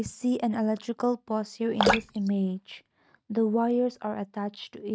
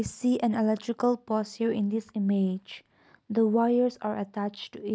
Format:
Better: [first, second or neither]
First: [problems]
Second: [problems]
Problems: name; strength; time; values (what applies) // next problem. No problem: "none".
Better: second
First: noise reduction (neural mask model RNNoise)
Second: none